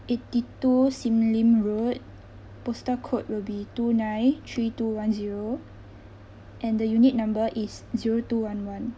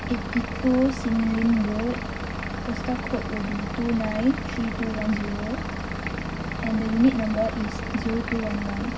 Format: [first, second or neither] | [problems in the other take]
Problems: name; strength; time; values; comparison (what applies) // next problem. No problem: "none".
first | background sound (Engine / Vehicle); 4 dB below the speech // room echo; dies away in 0.4 s